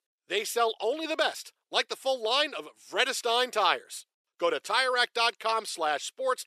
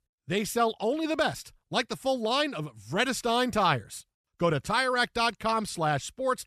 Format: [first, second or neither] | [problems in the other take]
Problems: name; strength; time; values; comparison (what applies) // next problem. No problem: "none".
second | thin; very; fading below 400 Hz